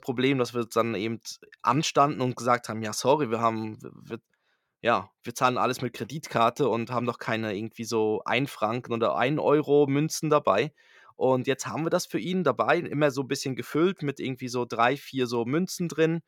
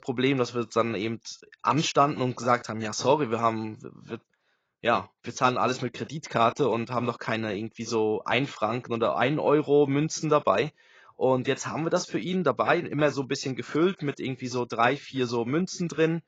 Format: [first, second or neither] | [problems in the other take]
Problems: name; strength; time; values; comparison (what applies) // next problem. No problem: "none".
first | garbled, watery; badly